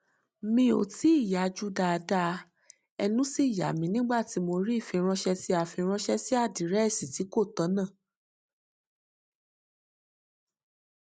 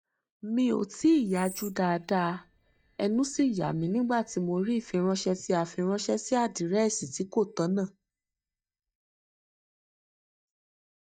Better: first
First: none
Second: noise reduction (neural mask model DeepFilterNet 3)

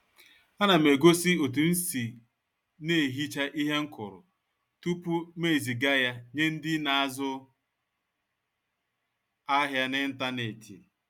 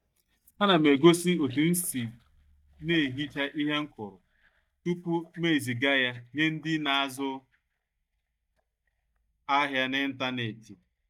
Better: first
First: none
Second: noise reduction (neural mask model DeepFilterNet 3)

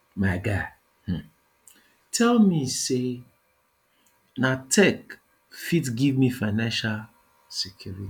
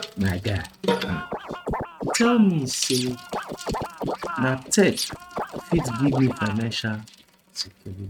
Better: first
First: none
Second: noise reduction (neural mask model RNNoise)

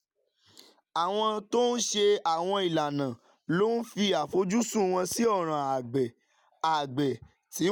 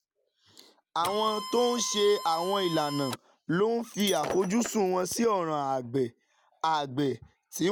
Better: first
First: none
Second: background sound (Shatter + Printer); 10 dB below the speech

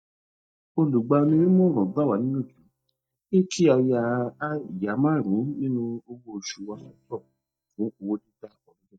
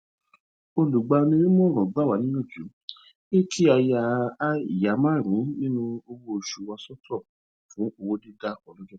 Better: second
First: noise reduction (neural mask model DeepFilterNet 3)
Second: none

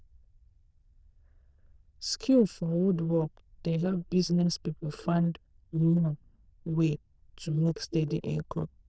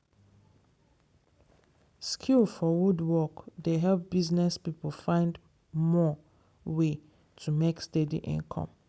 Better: second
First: noise reduction (neural diffusion model UNIVERSE++)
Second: none

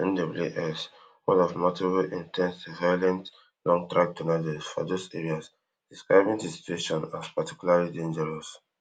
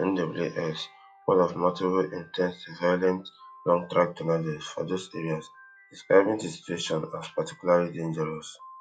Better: first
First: none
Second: noise reduction (classical method log-MMSE)

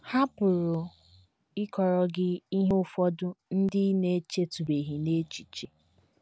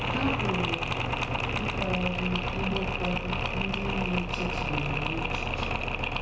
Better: first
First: none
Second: background sound (Mechanisms); 5 dB above the speech // room echo; dies away in 0.5 s

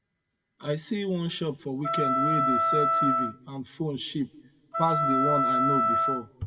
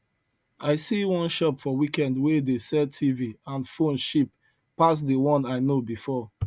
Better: second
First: background sound (Wind instrument, woodwind instrument); 4 dB above the speech // room echo; dies away in 1.2 s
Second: none

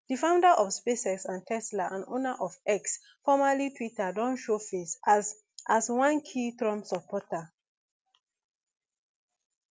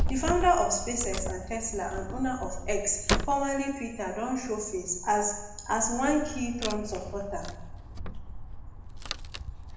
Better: first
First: none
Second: background sound (Wood); 4 dB below the speech // room echo; dies away in 0.8 s

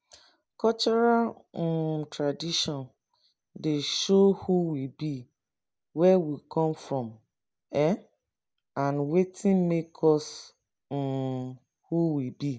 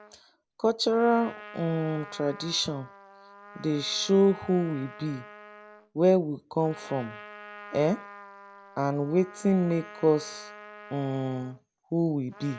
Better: first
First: none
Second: background sound (Trumpet); 18 dB below the speech

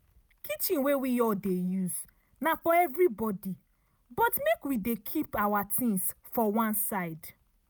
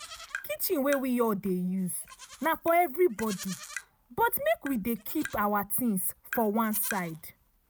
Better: first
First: none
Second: background sound (Livestock, farm animals, working animals + Tap); 15 dB below the speech

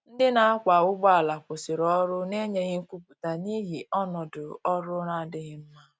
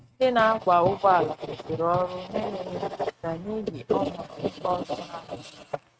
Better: first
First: none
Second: noise reduction (neural mask model RNNoise)

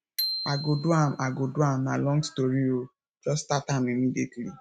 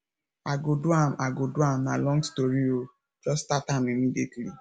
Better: second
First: noise reduction (neural mask model RNNoise)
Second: none

